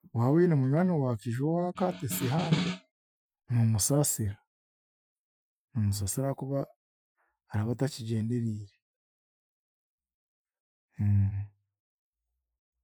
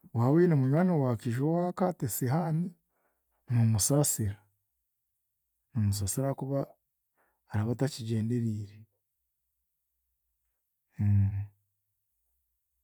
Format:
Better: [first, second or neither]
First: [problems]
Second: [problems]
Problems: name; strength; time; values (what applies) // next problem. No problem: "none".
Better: second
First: noise reduction (classical method Wiener filter)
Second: none